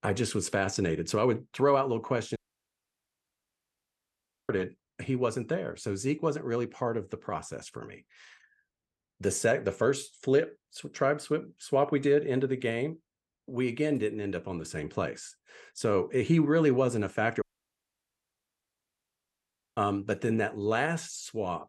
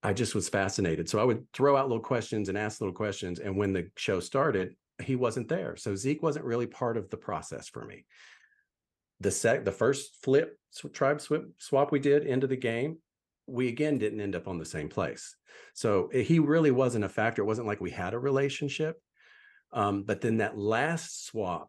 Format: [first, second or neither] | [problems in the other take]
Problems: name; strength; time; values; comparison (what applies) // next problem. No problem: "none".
second | audio cutting out; at 2.5 s for 2 s and at 17 s for 2.5 s